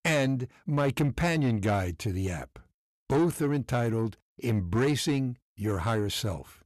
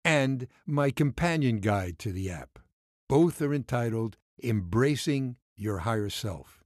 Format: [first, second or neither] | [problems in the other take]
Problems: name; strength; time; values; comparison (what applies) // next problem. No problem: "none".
second | distortion; slight; 10 dB below the speech